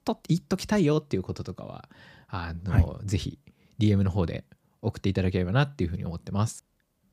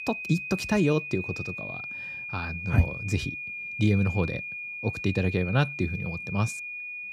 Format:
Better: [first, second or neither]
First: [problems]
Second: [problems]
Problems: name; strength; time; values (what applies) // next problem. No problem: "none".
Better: first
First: none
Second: high-pitched whine; loud; throughout; 2.5 kHz, 6 dB below the speech